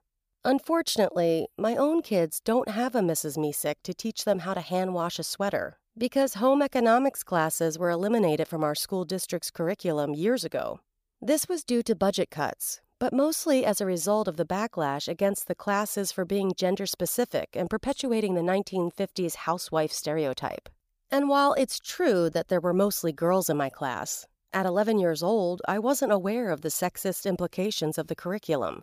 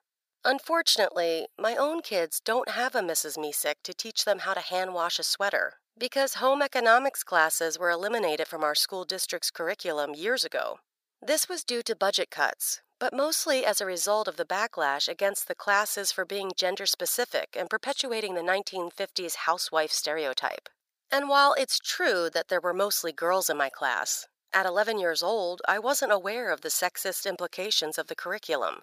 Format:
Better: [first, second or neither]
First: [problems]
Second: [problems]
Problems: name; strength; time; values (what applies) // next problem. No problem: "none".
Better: first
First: none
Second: thin; somewhat; fading below 550 Hz